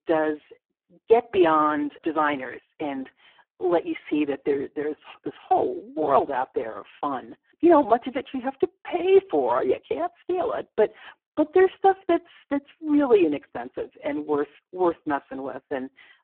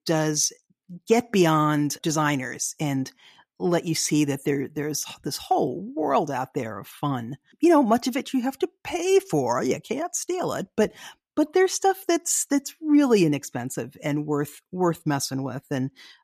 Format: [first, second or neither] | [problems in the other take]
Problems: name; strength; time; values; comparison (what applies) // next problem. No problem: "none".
second | phone-call audio; poor line